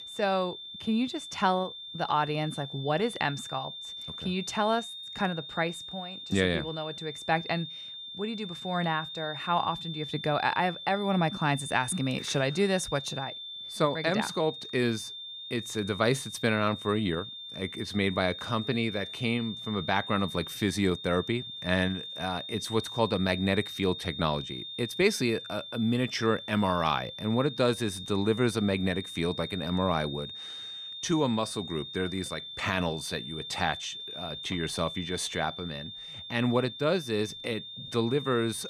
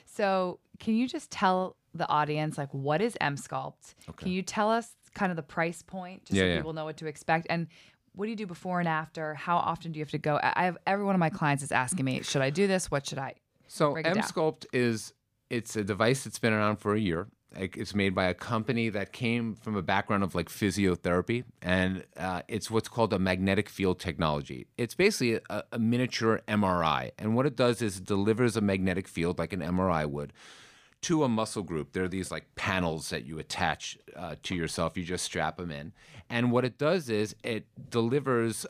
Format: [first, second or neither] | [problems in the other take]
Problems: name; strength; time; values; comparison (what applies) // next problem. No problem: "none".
second | high-pitched whine; loud; throughout; 3.5 kHz, 9 dB below the speech